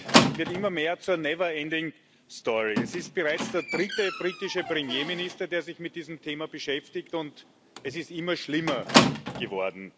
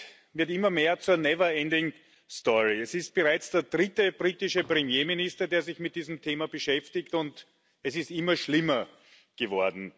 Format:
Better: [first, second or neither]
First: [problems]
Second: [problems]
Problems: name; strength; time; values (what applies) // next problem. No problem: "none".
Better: second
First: background sound (Squeak); as loud as the speech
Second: none